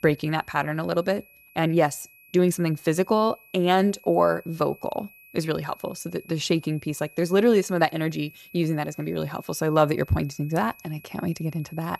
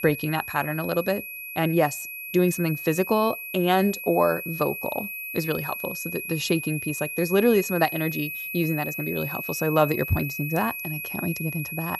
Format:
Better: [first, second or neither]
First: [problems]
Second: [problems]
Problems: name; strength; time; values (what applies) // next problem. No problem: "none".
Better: first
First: high-pitched whine; faint; throughout; 2.5 kHz, 25 dB below the speech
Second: high-pitched whine; loud; throughout; 2.5 kHz, 6 dB below the speech